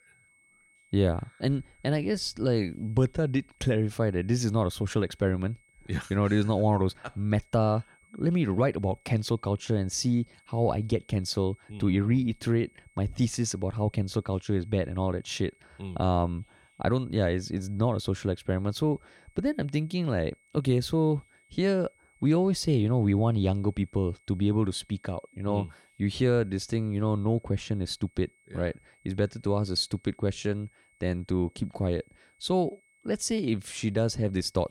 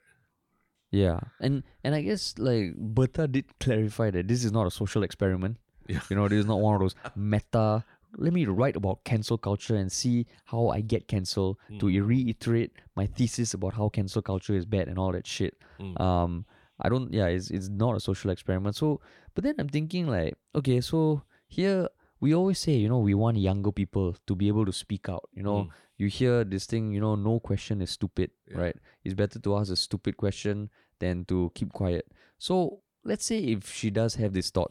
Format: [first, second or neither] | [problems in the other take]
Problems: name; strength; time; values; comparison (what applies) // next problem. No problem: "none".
second | high-pitched whine; faint; throughout; 2 kHz, 35 dB below the speech